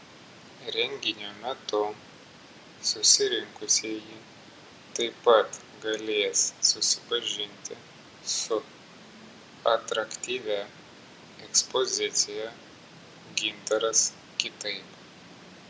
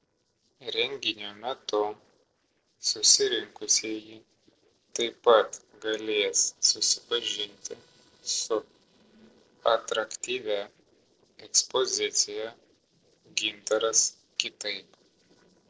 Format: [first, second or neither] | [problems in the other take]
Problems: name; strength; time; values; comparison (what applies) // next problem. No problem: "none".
first | noise reduction (neural separator model SepFormer DNS4)